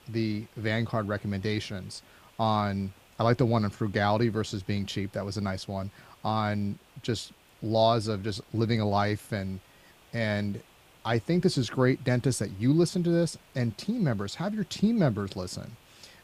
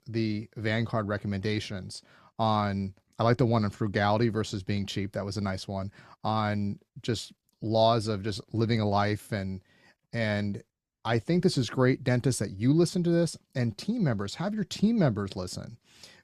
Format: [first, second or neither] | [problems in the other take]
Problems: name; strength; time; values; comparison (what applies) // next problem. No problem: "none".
second | hiss; faint; throughout; 30 dB below the speech